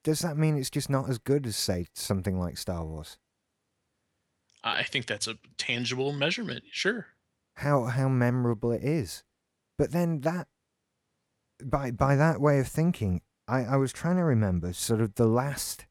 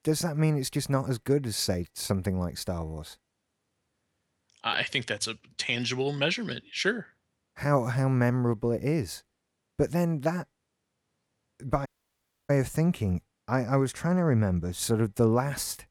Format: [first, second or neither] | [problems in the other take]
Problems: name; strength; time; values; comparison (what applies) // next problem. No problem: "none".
first | audio cutting out; at 12 s for 0.5 s